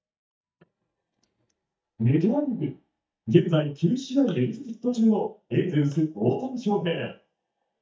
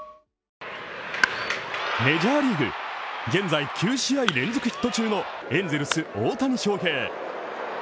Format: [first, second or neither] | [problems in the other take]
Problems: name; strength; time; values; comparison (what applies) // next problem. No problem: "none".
second | noise reduction (neural mask model DeepFilterNet 3)